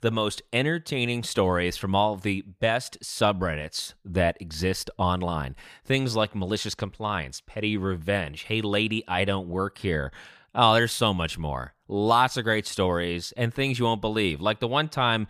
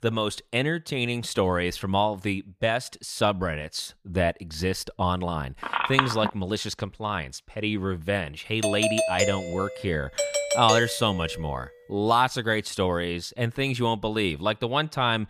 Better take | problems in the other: first | phone ringing; loud; at 5.5 s; peak 2 dB above the speech // doorbell; loud; from 8.5 to 11 s; peak 1 dB above the speech

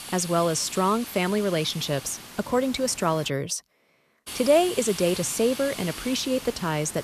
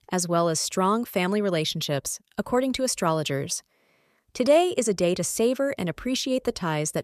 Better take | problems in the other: second | hiss; noticeable; until 3.5 s and from 4.5 s on; 10 dB below the speech

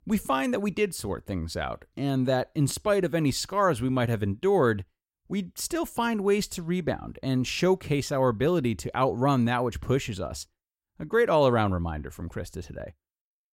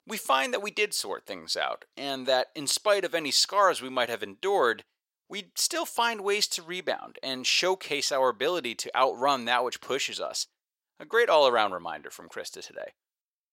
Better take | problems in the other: first | thin; very; fading below 600 Hz

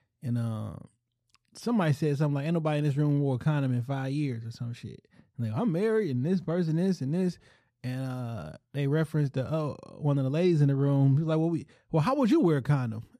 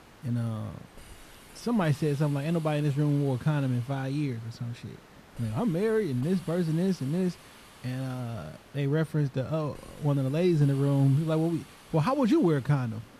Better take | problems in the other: first | hiss; faint; throughout; 20 dB below the speech

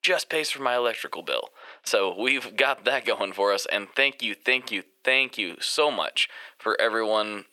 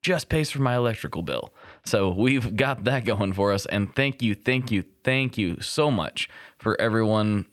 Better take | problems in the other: second | thin; very; fading below 450 Hz

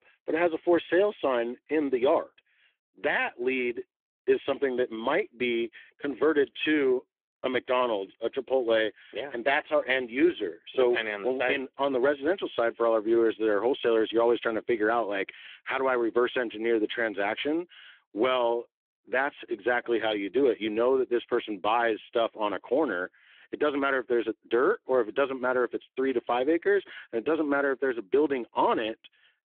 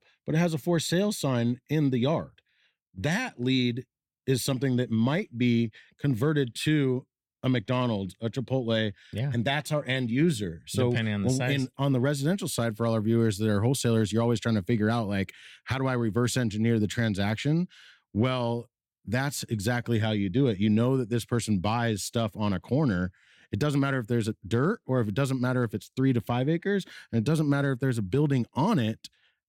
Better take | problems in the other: second | phone-call audio; nothing above 3.5 kHz

